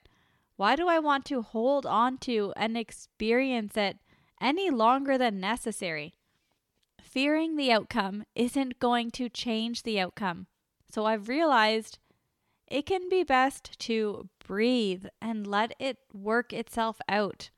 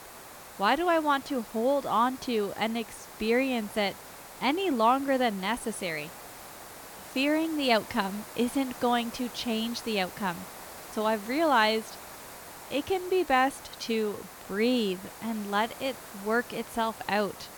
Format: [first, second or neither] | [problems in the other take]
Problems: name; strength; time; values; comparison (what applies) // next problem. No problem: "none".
first | hiss; noticeable; throughout; 15 dB below the speech